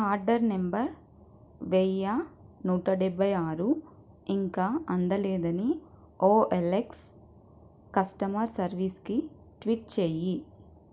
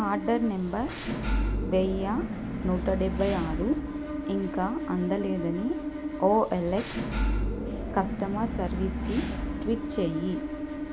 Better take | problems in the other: first | background sound (Engine / Mechanisms); 2 dB below the speech

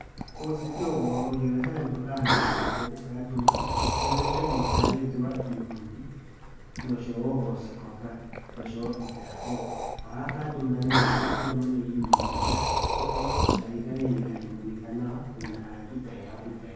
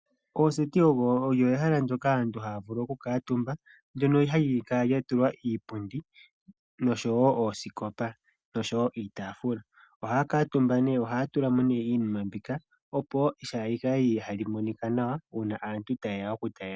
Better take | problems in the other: second | background sound (Liquid); 1 dB above the speech // room echo; dies away in 1.3 s

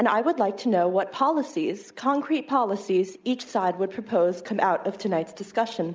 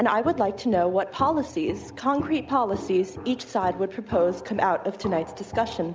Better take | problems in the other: first | background sound (Walk, footsteps); 14 dB below the speech

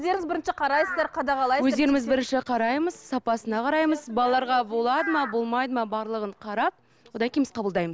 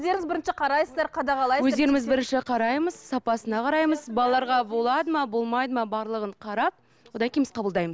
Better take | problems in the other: second | background sound (Crow); 13 dB below the speech

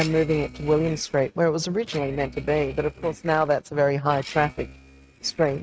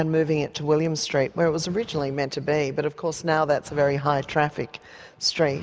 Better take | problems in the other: second | noise reduction (neural mask model RNNoise)

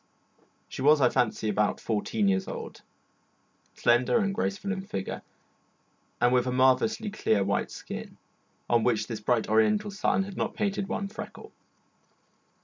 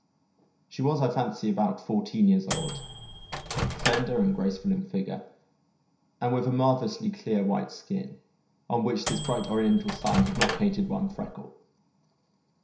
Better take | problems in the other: first | background sound (Microwave oven); 4 dB below the speech // room echo; dies away in 0.5 s

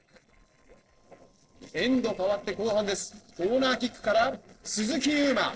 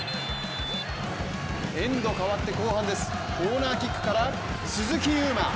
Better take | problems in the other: second | noise reduction (neural separator model SepFormer DNS4)

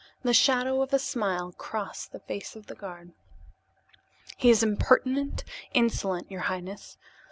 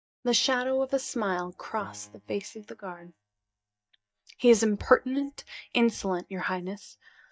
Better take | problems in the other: first | noise reduction (neural mask model DeepFilterNet 3)

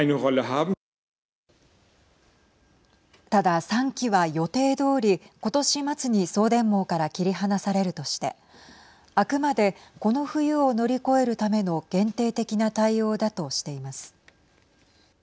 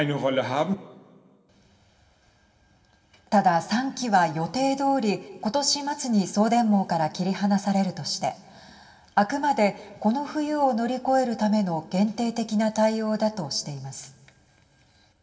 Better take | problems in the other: first | room echo; dies away in 1.3 s

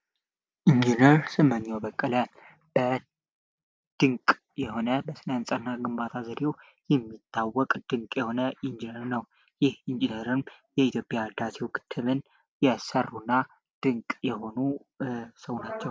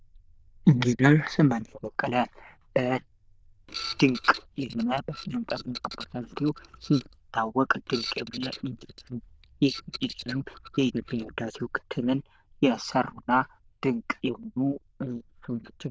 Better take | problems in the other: first | noise reduction (neural diffusion model UNIVERSE++)

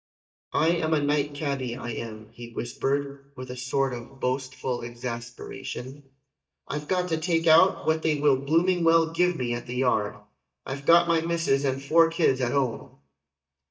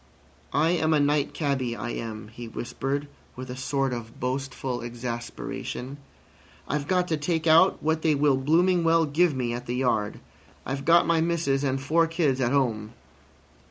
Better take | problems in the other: second | noise reduction (neural mask model DeepFilterNet 3)

